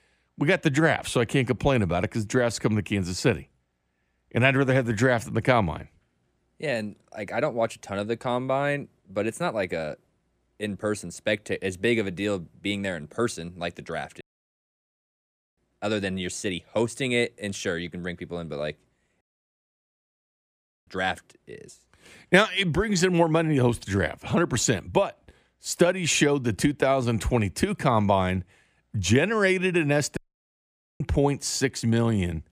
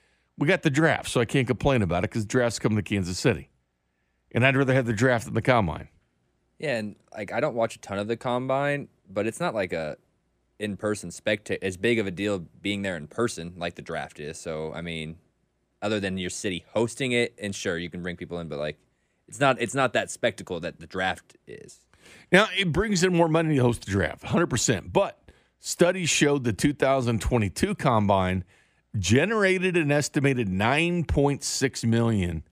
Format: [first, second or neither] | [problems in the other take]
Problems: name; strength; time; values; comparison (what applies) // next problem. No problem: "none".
second | audio cutting out; at 14 s for 1.5 s, at 19 s for 1.5 s and at 30 s for 1 s